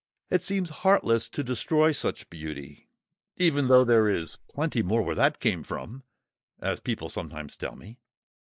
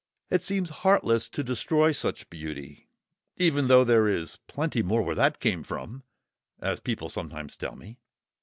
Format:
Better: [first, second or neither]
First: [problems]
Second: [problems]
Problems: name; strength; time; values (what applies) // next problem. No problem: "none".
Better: second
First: noise reduction (neural mask model Resemble Enhance denoiser)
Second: none